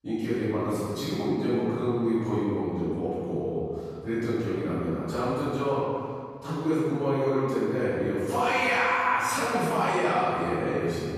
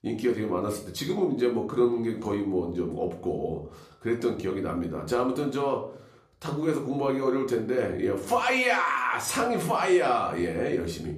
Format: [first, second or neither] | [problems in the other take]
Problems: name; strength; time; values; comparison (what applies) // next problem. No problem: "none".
second | room echo; strong; dies away in 2 s; slight in the second // off-mic speech; far; somewhat distant in the second